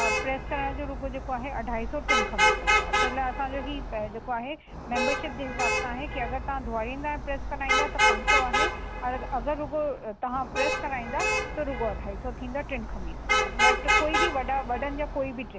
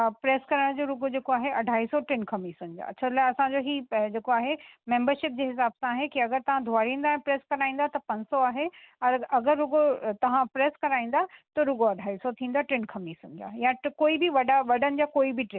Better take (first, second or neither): second